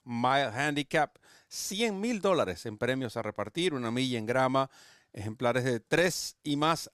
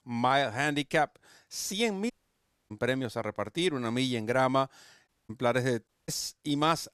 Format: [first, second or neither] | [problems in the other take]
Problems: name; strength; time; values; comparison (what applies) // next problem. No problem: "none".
first | audio cutting out; at 2 s for 0.5 s, at 5 s and at 6 s